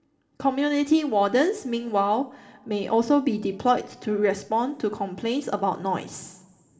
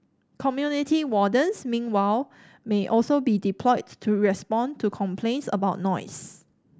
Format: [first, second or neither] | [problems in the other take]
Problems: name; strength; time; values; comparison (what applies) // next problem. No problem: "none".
second | room echo; dies away in 1.8 s